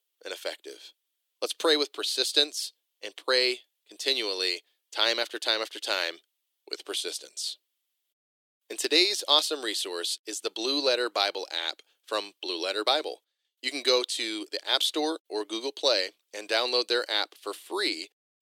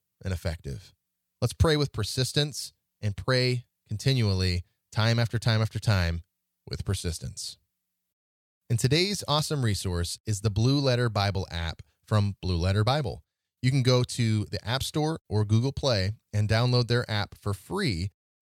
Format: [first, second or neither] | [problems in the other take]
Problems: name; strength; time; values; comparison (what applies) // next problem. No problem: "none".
second | thin; very; fading below 300 Hz